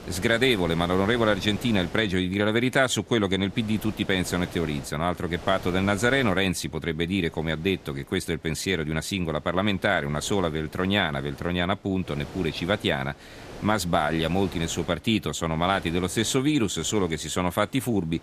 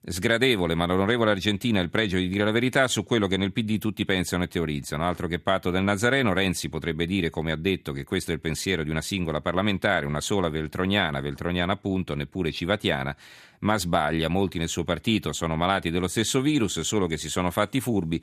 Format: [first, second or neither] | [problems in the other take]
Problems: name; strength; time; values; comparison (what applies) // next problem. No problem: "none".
second | wind noise on the microphone; occasional gusts; 20 dB below the speech